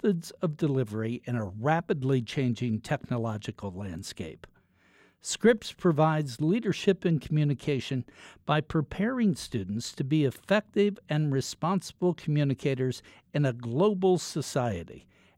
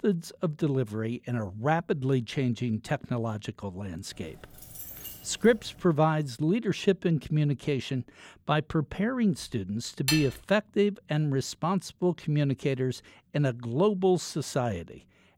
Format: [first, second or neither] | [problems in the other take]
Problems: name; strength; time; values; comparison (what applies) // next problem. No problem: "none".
first | jangling keys; faint; from 4 to 6 s; peak 10 dB below the speech // clattering dishes; noticeable; at 10 s; peak level with the speech